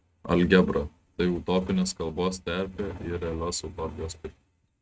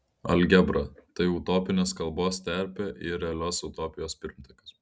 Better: second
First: noise reduction (neural mask model RNNoise)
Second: none

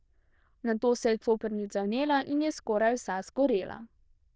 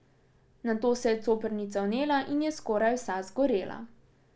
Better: second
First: noise reduction (neural diffusion model UNIVERSE++)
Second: none

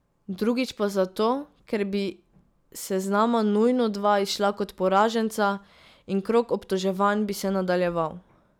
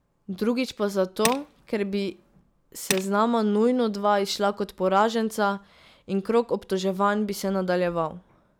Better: first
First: none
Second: background sound (Tools); 10 dB below the speech

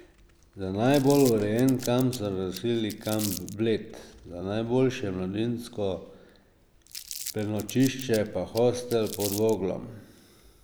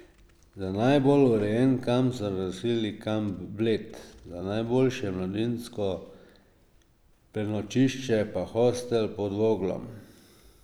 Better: second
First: background sound (Crumpling, crinkling); 13 dB below the speech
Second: none

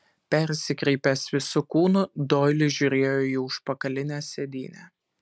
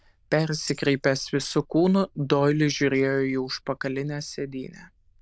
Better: first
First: none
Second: noise reduction (neural diffusion model UNIVERSE++)

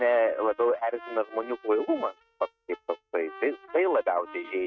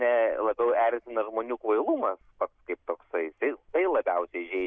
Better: second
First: noise reduction (neural mask model RNNoise)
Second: none

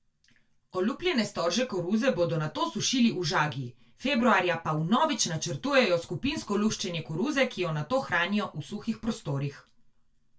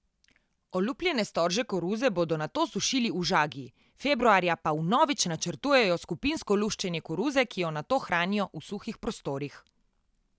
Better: second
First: room echo; dies away in 0.2 s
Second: none

